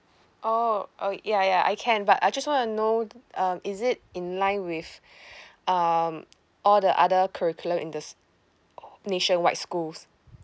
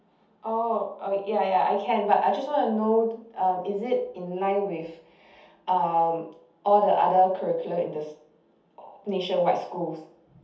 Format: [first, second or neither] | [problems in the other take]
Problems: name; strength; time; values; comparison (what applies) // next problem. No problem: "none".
first | room echo; dies away in 0.6 s